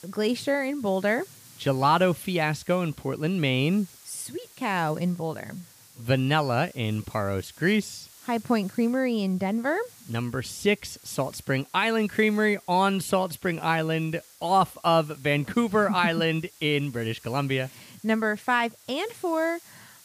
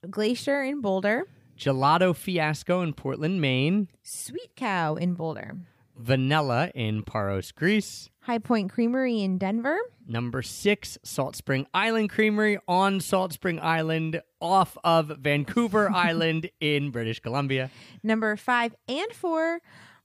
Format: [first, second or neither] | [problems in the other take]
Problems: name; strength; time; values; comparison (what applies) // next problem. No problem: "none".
second | hiss; faint; throughout; 25 dB below the speech